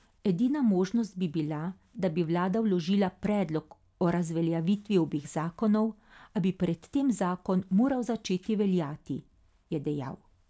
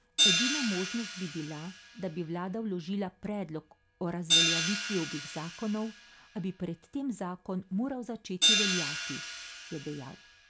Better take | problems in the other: first | background sound (Hi-hat); 2 dB above the speech

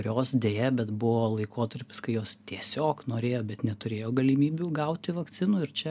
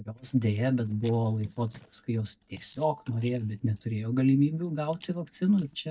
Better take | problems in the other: first | noise reduction (neural mask model DeepFilterNet 3)

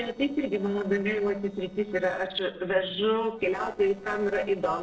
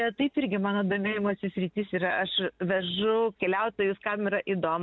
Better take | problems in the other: second | noise reduction (neural separator model SepFormer DNS4)

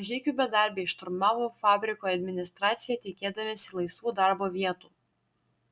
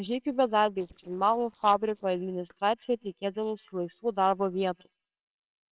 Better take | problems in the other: first | noise reduction (neural separator model SepFormer WHAMR!)

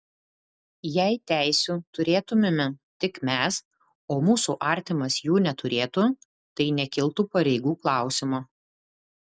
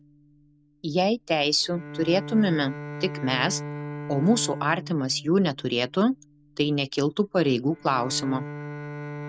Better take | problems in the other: first | background sound (Bowed string instrument); 12 dB below the speech

